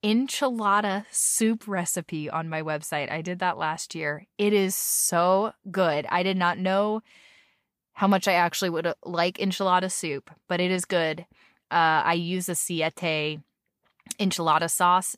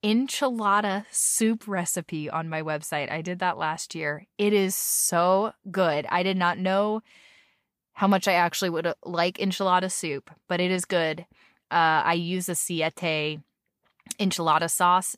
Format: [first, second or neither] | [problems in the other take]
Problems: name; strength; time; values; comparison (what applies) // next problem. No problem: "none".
neither | none